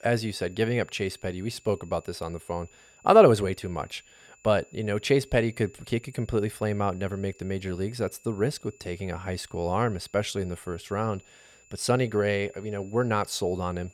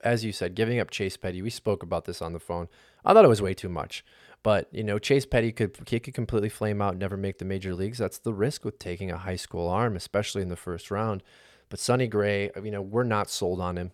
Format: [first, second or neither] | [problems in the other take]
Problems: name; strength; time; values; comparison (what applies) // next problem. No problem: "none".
second | high-pitched whine; faint; throughout; 2.5 kHz, 30 dB below the speech